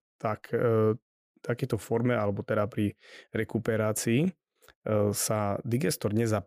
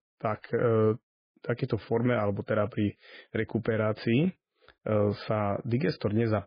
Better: first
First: none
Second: garbled, watery; badly

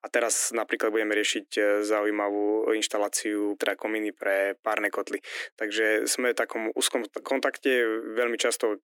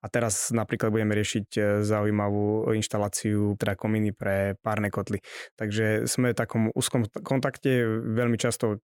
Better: second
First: thin; very; fading below 300 Hz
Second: none

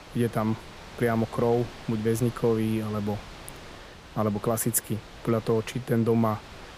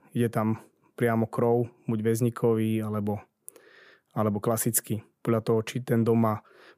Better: second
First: wind noise on the microphone; occasional gusts; 15 dB below the speech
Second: none

